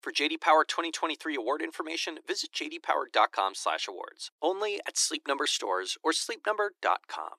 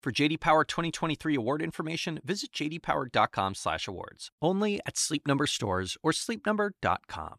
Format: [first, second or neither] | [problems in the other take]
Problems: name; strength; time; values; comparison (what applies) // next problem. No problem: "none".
second | thin; very; fading below 350 Hz